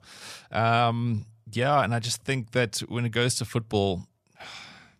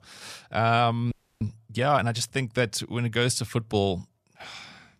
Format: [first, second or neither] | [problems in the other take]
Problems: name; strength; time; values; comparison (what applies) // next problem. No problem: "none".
first | audio freezing; at 1 s